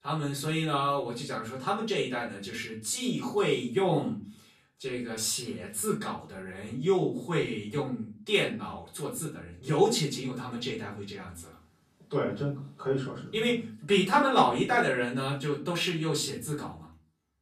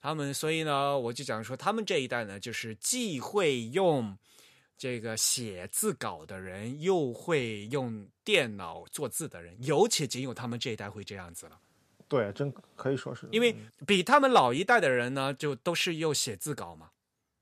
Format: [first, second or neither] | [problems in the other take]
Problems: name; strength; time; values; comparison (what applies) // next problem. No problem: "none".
second | room echo; slight; dies away in 0.4 s // off-mic speech; far